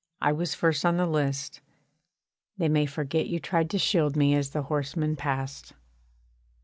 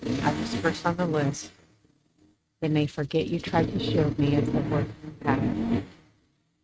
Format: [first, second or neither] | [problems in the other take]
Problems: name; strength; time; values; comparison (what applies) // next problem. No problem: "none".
first | noise reduction (neural mask model RNNoise)